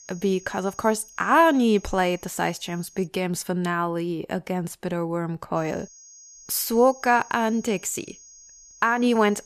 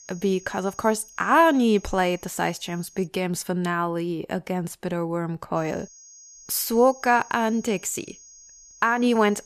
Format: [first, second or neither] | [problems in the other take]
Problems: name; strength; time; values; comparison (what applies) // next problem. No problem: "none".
neither | high-pitched whine; faint; until 3 s and from 5.5 s on; 6.5 kHz, 20 dB below the speech; the same in both